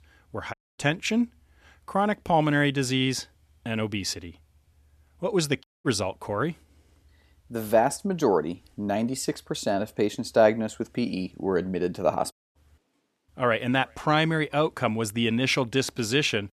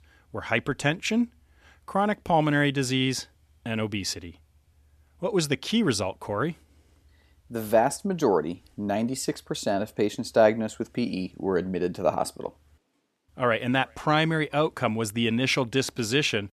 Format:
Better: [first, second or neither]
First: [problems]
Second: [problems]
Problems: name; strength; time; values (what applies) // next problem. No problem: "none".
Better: second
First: audio cutting out; at 0.5 s, at 5.5 s and at 12 s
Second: none